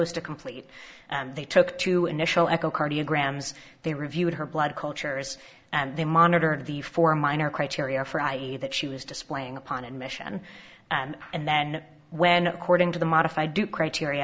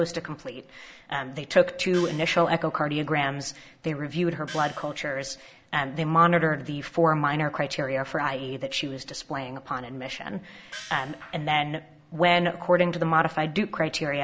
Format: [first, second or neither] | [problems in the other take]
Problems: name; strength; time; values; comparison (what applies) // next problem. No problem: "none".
first | background sound (Gong); 18 dB below the speech